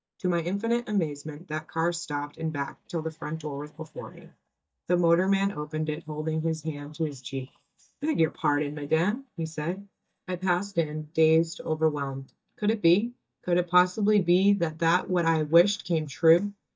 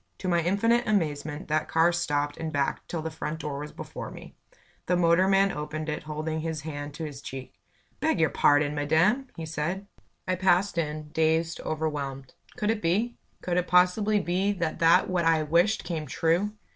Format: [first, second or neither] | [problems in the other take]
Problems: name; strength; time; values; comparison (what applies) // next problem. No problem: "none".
second | noise reduction (neural mask model DeepFilterNet 3)